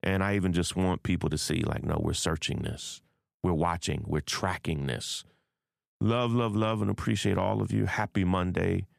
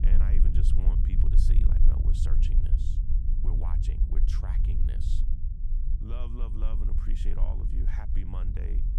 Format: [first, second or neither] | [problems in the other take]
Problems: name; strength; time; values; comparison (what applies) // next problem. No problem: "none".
first | low rumble; loud; throughout; as loud as the speech